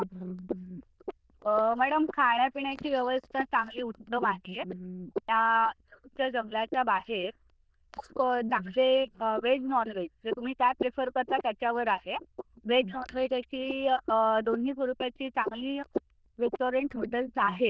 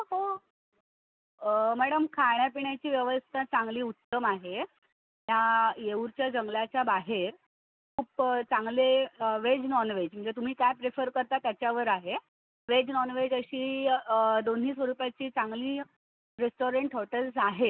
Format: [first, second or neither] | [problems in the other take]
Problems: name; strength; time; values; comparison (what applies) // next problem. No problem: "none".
second | noise reduction (neural diffusion model UNIVERSE++)